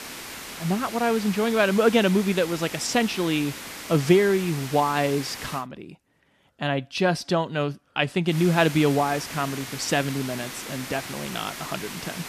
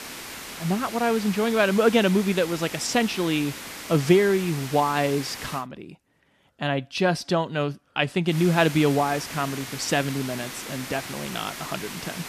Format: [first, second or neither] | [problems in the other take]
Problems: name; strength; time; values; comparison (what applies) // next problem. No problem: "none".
neither | hiss; noticeable; until 5.5 s and from 8.5 s on; 10 dB below the speech; the same in both